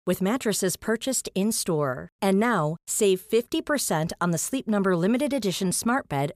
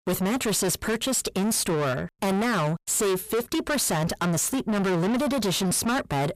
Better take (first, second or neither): first